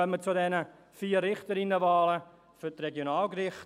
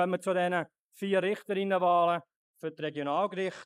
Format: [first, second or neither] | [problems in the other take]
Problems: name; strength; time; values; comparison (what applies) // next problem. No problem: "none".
first | noise reduction (neural mask model Resemble Enhance denoiser)